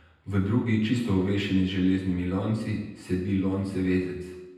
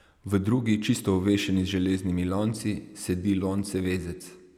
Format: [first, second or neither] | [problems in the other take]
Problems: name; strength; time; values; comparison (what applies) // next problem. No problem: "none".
second | room echo; dies away in 0.9 s